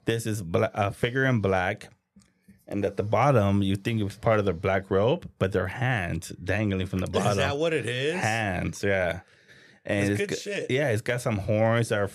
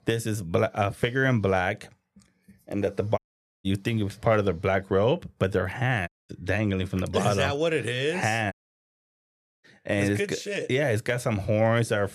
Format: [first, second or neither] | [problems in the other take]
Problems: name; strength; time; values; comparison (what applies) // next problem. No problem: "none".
first | audio cutting out; at 3 s, at 6 s and at 8.5 s for 1 s